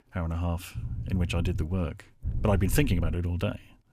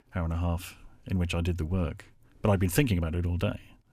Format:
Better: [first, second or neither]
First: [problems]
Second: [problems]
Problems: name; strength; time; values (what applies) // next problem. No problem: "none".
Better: second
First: low rumble; noticeable; at 1 s and at 2 s; 15 dB below the speech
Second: none